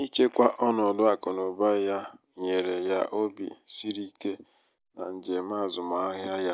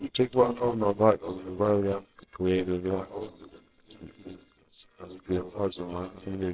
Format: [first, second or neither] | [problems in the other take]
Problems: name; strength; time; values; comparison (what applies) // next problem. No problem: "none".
first | noise reduction (neural separator model SepFormer WHAMR!)